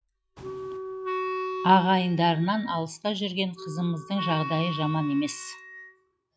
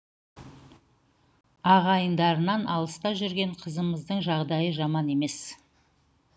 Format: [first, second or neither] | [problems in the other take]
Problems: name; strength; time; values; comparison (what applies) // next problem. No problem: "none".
second | noise reduction (classical method log-MMSE)